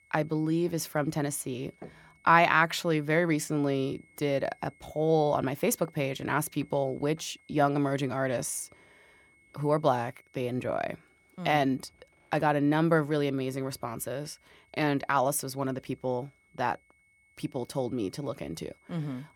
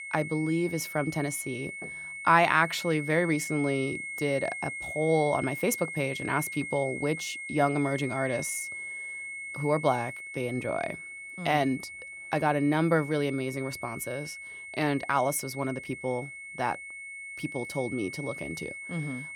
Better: first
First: high-pitched whine; faint; throughout; 2 kHz, 35 dB below the speech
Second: high-pitched whine; loud; throughout; 2 kHz, 8 dB below the speech

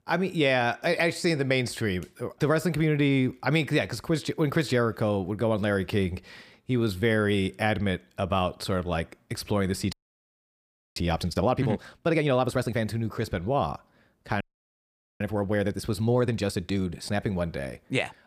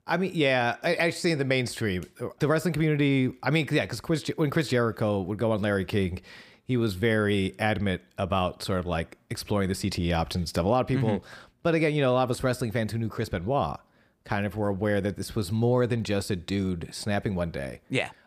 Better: second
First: audio freezing; at 10 s for 1 s and at 14 s for 1 s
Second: none

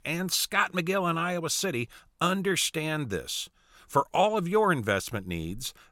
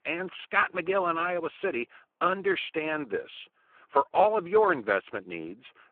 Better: first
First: none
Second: phone-call audio; poor line

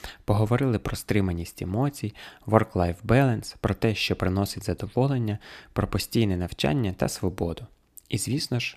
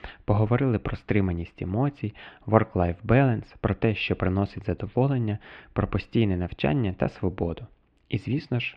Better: first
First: none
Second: muffled; very; fading above 3 kHz

